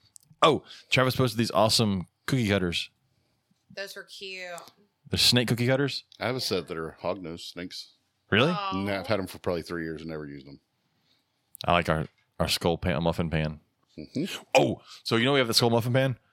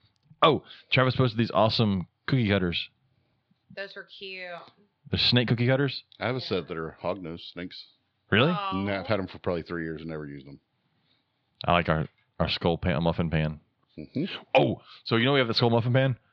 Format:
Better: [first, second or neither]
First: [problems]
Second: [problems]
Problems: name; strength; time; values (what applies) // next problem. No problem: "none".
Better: first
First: none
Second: muffled; very slightly; fading above 4 kHz